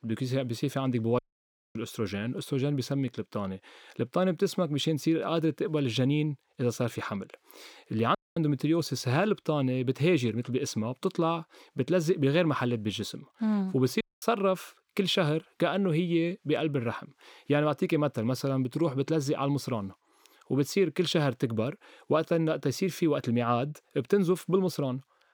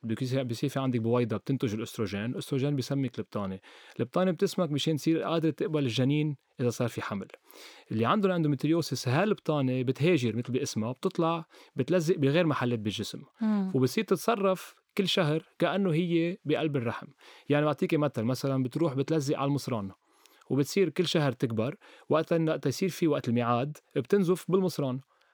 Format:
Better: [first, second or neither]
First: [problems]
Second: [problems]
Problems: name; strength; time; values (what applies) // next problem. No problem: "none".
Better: second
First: audio cutting out; at 1 s for 0.5 s, at 8 s and at 14 s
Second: none